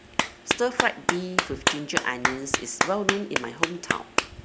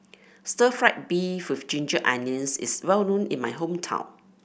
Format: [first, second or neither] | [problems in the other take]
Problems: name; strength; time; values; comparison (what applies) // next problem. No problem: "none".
second | background sound (Clapping); 3 dB above the speech